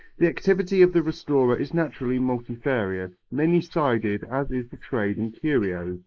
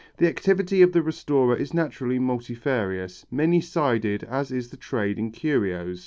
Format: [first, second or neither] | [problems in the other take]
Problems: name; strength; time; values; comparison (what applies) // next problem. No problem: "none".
second | noise reduction (neural mask model Resemble Enhance denoiser)